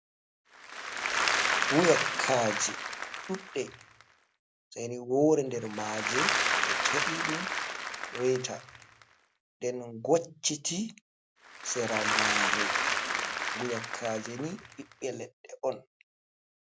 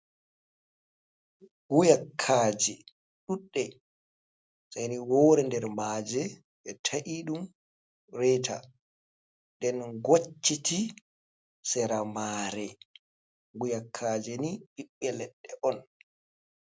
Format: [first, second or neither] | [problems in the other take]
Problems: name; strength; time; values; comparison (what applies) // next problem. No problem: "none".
second | background sound (Applause / Crowd); 1 dB above the speech